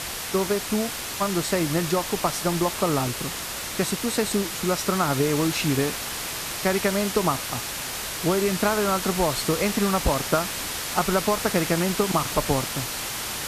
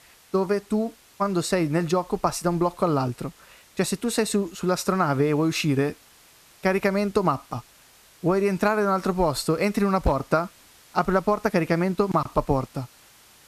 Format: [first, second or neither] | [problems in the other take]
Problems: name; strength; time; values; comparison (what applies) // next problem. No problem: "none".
second | hiss; loud; throughout; 3 dB below the speech; faint in the second